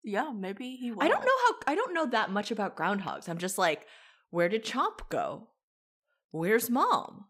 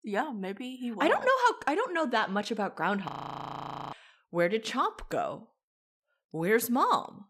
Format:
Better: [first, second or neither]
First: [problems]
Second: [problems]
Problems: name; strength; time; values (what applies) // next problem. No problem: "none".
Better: first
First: none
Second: audio freezing; at 3 s for 1 s